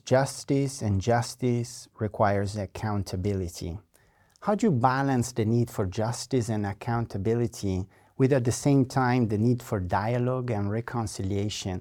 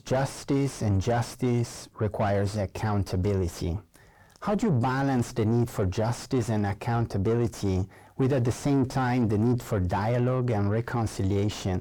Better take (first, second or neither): first